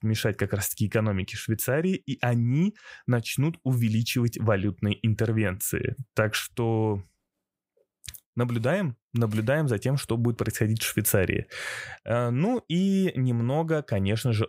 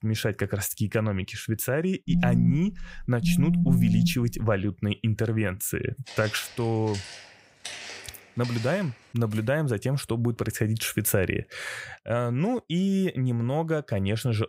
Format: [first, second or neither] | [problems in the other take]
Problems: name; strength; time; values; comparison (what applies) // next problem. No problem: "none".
first | phone ringing; loud; from 2 to 4.5 s; peak 4 dB above the speech // footsteps; noticeable; from 6 to 9 s; peak 9 dB below the speech